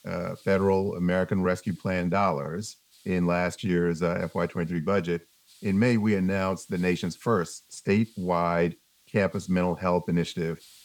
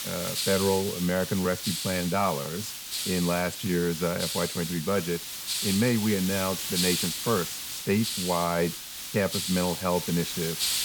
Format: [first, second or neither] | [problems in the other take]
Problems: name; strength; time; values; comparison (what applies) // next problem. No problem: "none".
first | hiss; loud; throughout; 3 dB below the speech; faint in the first